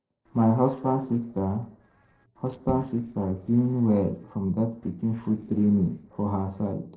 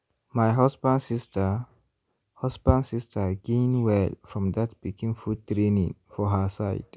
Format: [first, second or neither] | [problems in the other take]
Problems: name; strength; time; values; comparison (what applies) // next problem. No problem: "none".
second | noise reduction (neural separator model SepFormer DNS4)